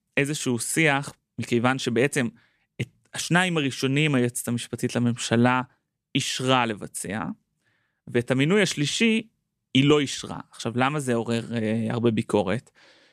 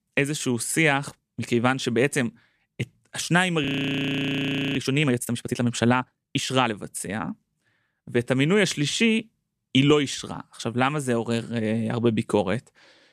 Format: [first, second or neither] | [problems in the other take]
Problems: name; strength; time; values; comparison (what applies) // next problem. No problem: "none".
first | audio freezing; at 3.5 s for 1 s